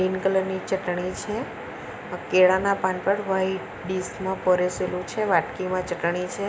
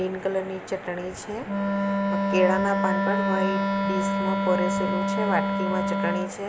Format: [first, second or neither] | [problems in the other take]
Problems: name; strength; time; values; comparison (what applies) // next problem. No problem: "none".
first | background sound (Wind instrument, woodwind instrument); 3 dB above the speech